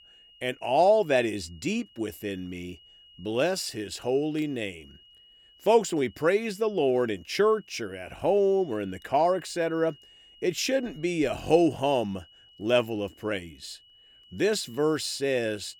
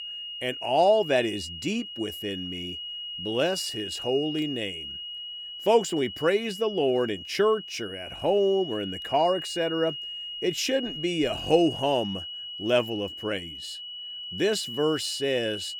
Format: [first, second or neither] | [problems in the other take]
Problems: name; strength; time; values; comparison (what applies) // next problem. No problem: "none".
first | high-pitched whine; loud; throughout; 3 kHz, 8 dB below the speech; faint in the first